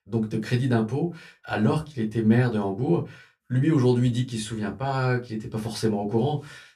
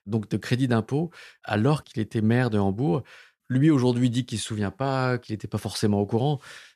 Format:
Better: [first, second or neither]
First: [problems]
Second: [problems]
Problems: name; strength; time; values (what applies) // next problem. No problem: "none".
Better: second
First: off-mic speech; somewhat distant // room echo; very slight; dies away in 0.2 s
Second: none